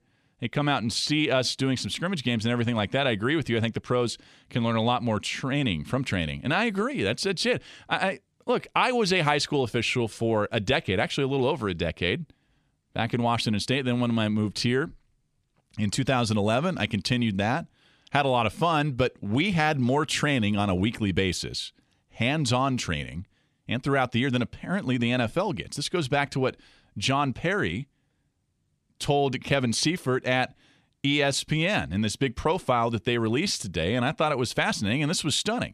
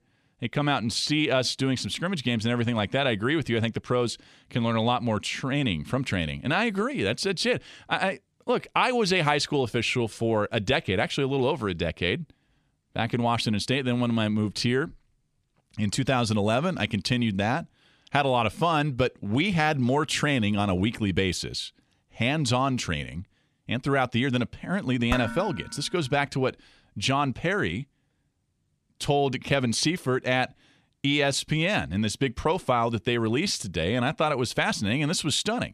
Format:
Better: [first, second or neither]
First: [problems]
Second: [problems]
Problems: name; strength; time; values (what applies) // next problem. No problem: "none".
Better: first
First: none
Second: clattering dishes; noticeable; at 25 s; peak 6 dB below the speech